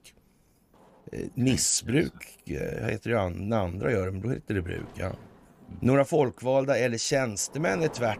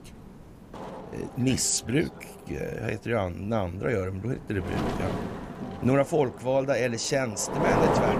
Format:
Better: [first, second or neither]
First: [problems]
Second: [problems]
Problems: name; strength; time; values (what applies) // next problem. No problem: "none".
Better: first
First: wind noise on the microphone; occasional gusts; 20 dB below the speech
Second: wind noise on the microphone; heavy; 3 dB below the speech